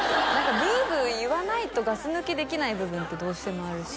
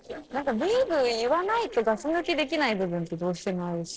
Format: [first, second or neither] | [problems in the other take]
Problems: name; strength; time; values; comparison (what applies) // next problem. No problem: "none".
first | noise reduction (neural separator model SepFormer DNS4)